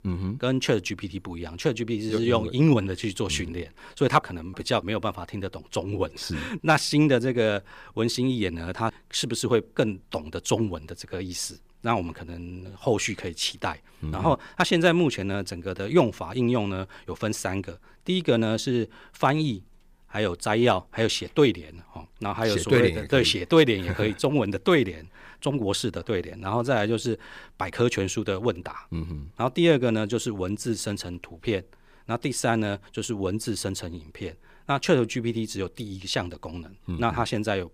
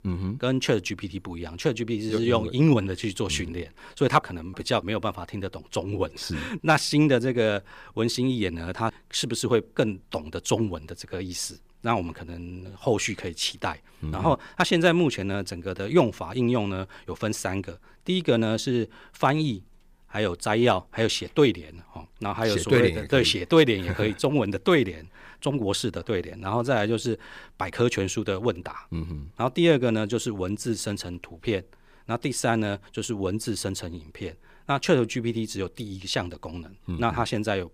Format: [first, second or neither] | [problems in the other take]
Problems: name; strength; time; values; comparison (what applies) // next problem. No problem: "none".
neither | none